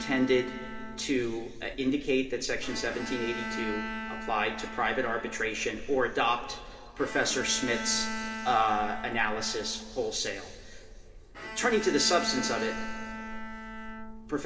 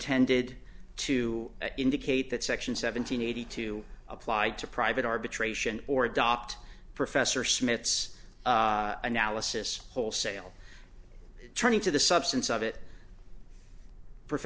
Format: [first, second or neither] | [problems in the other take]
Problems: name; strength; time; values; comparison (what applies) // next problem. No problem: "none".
second | background sound (Bowed string instrument); 9 dB below the speech // room echo; dies away in 2.3 s